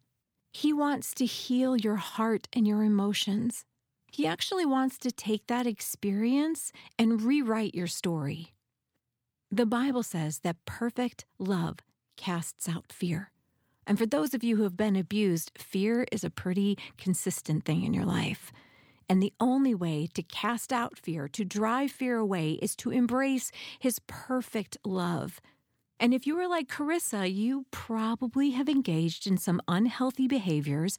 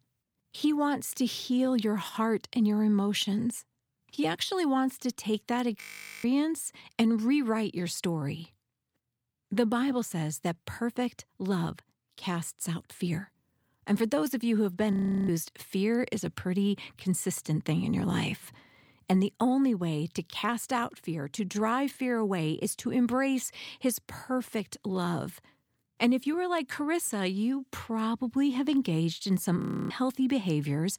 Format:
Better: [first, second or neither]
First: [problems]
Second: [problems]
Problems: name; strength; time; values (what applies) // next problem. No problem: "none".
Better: first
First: none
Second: audio freezing; at 6 s, at 15 s and at 30 s